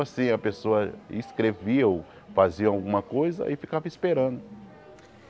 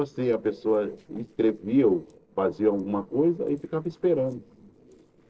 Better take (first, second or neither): first